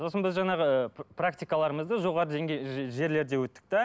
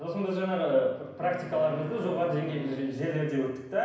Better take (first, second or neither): first